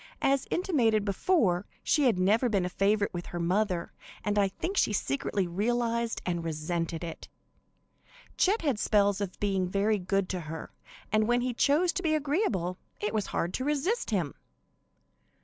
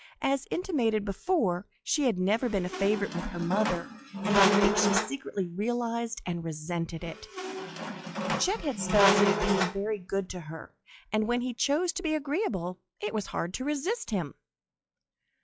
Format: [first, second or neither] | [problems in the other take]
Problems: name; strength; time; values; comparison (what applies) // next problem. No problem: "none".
first | noise reduction (classical method log-MMSE)